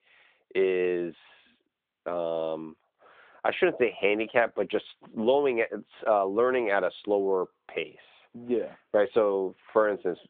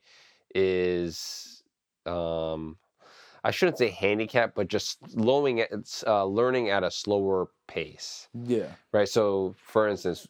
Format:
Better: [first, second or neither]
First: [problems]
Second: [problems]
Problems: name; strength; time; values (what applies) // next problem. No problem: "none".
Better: second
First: phone-call audio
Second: none